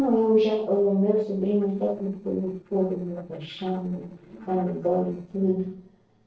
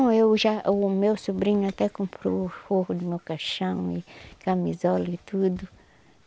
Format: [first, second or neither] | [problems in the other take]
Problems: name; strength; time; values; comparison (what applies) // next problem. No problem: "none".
second | noise reduction (neural separator model SepFormer DNS4)